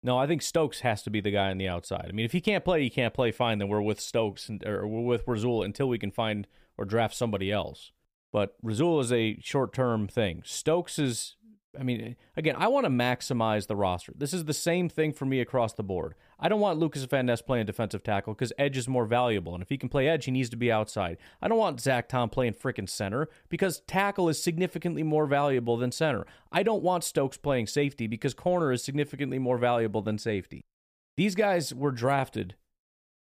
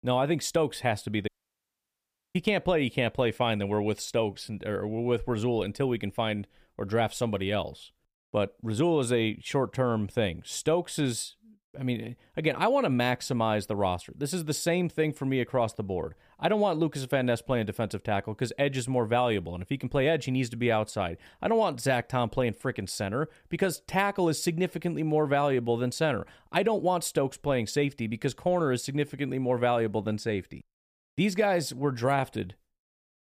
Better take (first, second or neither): first